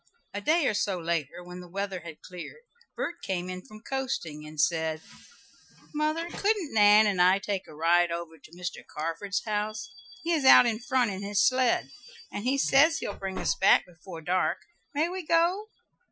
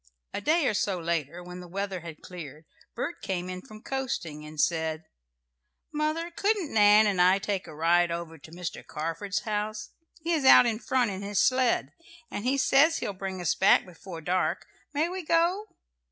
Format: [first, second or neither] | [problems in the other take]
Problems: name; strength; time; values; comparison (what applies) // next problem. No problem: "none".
second | noise reduction (classical method Wiener filter)